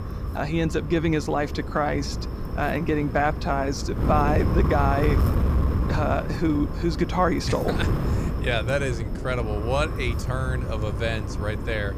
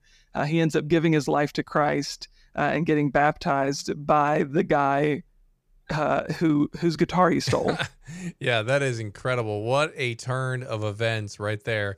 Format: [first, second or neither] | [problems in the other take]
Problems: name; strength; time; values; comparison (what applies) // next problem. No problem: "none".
second | wind noise on the microphone; heavy; 9 dB below the speech